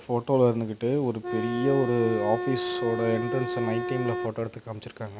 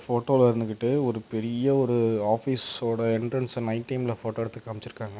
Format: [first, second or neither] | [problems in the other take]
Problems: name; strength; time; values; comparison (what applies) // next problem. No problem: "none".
second | background sound (Organ); 3 dB below the speech